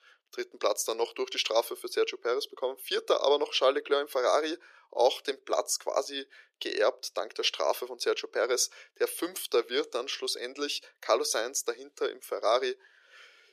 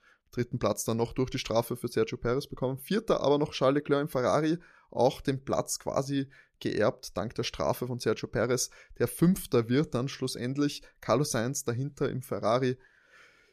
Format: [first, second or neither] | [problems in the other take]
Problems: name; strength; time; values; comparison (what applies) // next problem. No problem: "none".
second | thin; very; fading below 400 Hz